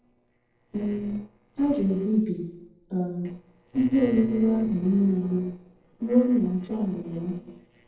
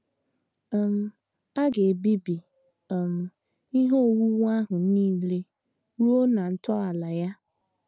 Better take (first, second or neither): second